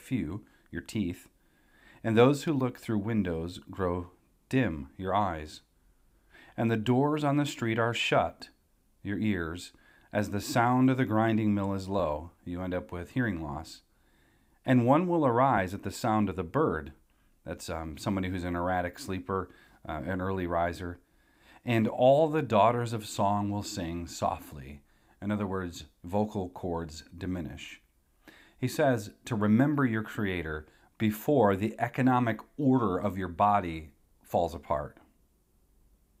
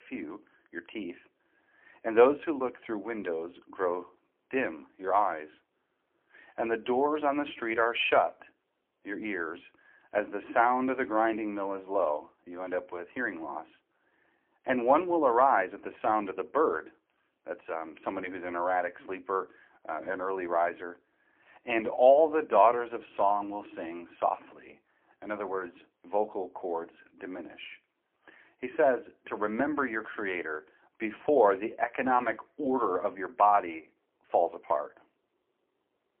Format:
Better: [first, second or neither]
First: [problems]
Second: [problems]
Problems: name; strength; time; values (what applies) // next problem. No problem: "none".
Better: first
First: none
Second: phone-call audio; poor line; nothing above 3 kHz